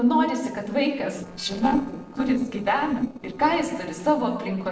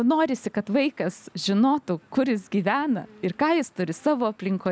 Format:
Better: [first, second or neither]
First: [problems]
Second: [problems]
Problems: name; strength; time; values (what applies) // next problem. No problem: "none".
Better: second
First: noise reduction (neural separator model SepFormer DNS4)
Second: none